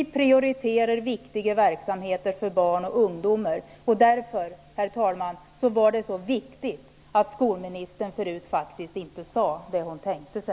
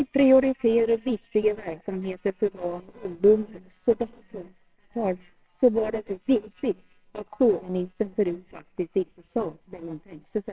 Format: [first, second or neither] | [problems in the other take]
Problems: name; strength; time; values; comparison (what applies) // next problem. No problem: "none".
first | noise reduction (neural separator model SepFormer WHAMR!)